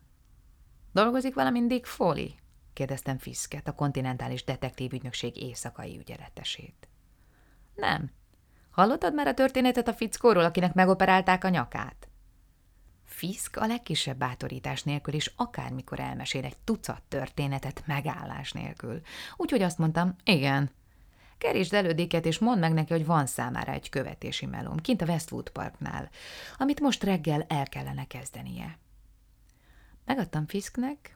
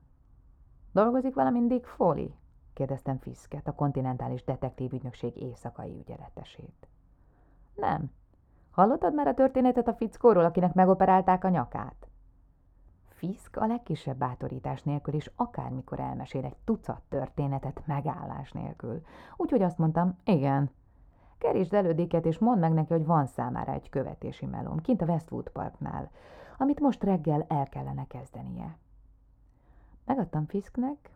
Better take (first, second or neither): first